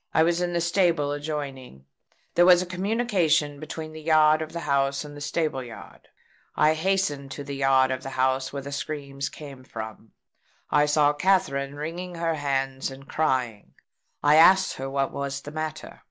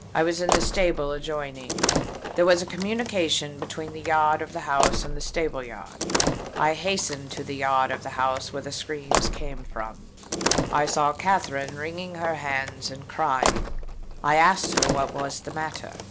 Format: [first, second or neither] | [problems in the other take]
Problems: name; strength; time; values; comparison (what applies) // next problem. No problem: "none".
first | background sound (Slam); 3 dB below the speech